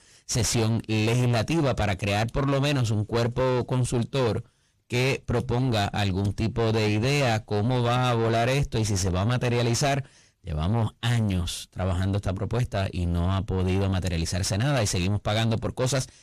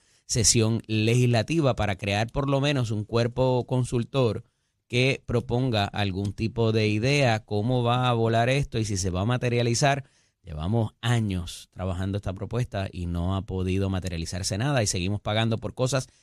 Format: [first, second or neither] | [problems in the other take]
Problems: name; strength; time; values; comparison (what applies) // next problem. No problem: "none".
second | distortion; heavy; 7 dB below the speech